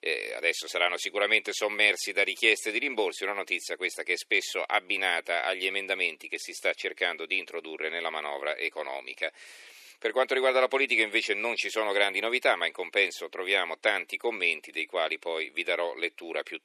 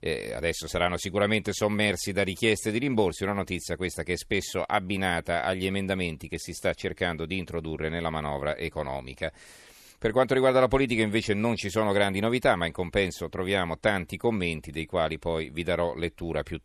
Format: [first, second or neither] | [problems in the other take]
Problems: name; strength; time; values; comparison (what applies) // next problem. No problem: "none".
second | thin; very; fading below 350 Hz